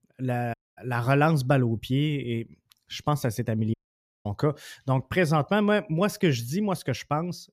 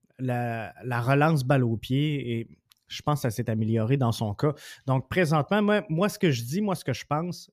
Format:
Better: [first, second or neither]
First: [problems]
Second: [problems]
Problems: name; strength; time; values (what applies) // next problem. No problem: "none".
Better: second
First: audio cutting out; at 0.5 s and at 3.5 s for 0.5 s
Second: none